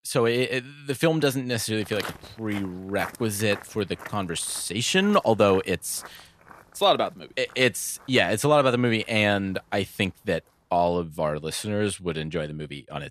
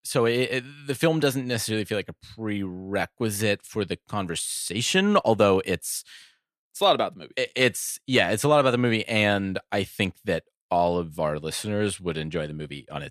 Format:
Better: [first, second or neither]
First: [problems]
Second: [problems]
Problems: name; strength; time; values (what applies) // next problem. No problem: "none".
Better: second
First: footsteps; faint; from 2 to 7.5 s; peak 10 dB below the speech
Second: none